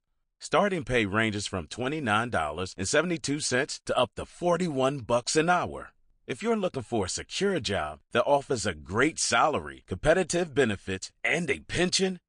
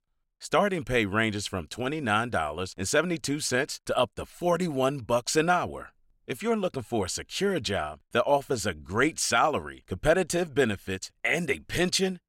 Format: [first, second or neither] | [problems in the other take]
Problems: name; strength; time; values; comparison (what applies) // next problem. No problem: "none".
second | garbled, watery; slightly; nothing above 9 kHz